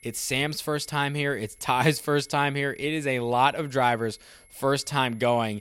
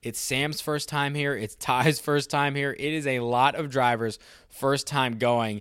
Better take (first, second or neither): second